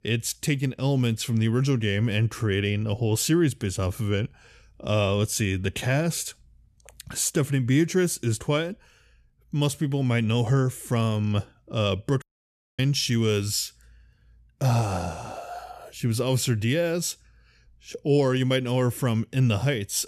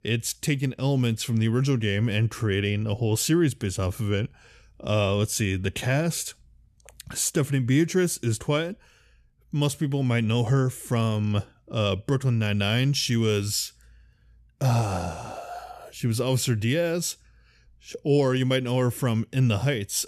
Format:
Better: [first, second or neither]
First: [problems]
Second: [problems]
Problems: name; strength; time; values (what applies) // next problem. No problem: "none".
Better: second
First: audio cutting out; at 12 s for 0.5 s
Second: none